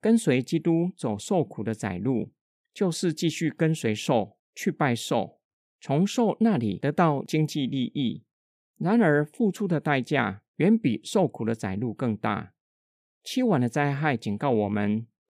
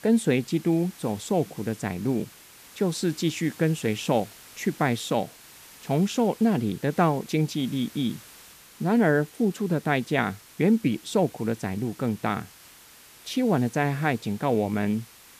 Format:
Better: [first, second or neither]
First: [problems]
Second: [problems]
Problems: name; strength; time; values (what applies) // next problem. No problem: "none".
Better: first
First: none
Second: hiss; faint; throughout; 20 dB below the speech